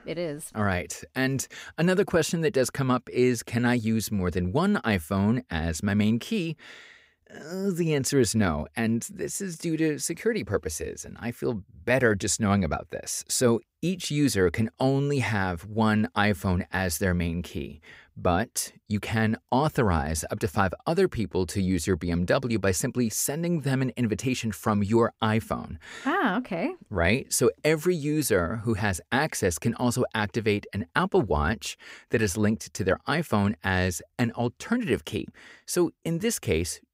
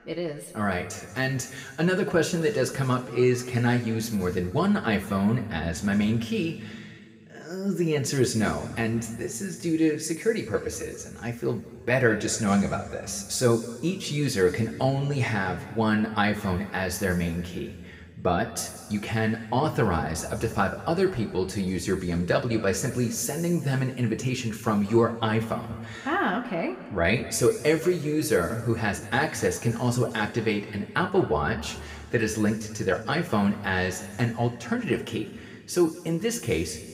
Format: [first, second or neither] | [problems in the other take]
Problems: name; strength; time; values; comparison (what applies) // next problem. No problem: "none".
first | room echo; noticeable; dies away in 1.7 s // off-mic speech; somewhat distant